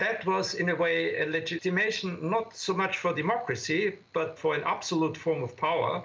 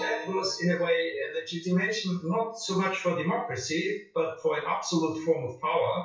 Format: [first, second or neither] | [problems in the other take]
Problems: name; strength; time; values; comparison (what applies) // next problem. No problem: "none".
first | noise reduction (classical method WPE with log-MMSE)